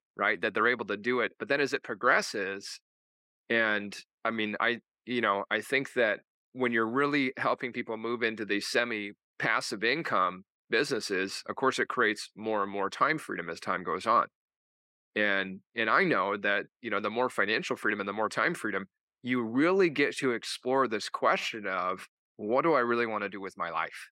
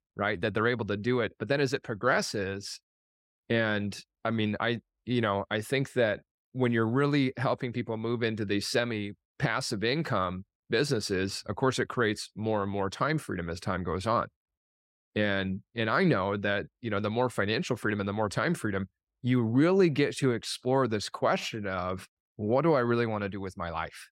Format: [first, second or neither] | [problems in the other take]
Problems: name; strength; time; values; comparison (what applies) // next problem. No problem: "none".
second | thin; somewhat; fading below 300 Hz